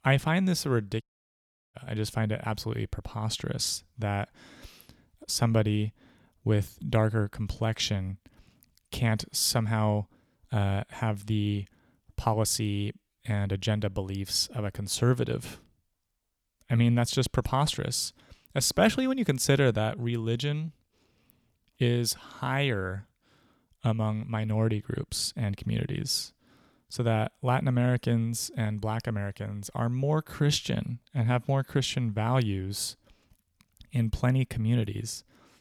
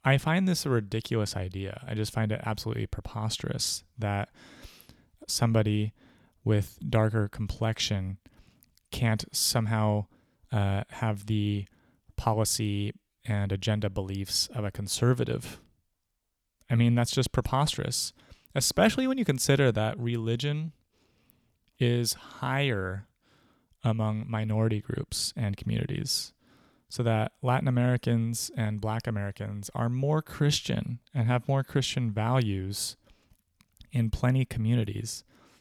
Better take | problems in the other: second | audio cutting out; at 1 s for 0.5 s

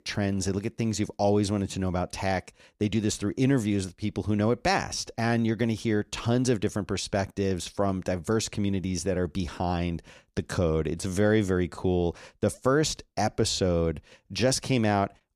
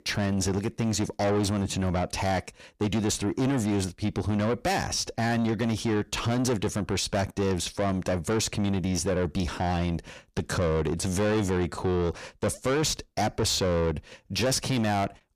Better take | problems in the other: first | distortion; heavy; 7 dB below the speech

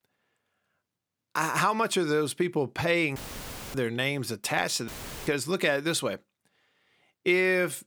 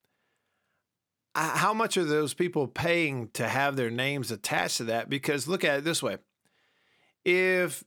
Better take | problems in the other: second | audio cutting out; filled with static; at 3 s for 0.5 s and at 5 s

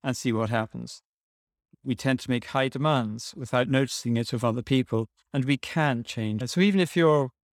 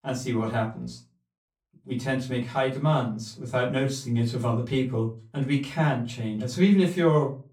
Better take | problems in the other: first | off-mic speech; far // room echo; slight; dies away in 0.3 s

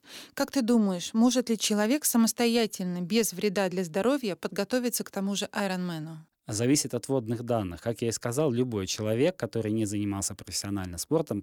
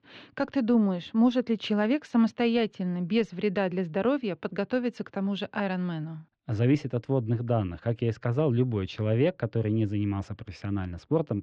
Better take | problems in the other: first | muffled; very; fading above 3 kHz

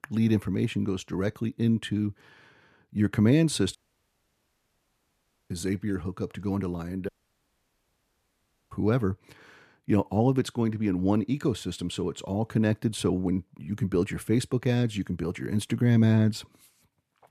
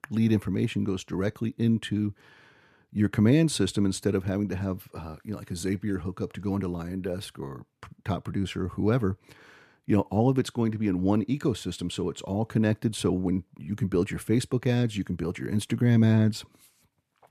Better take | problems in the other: second | audio cutting out; at 4 s for 2 s and at 7 s for 1.5 s

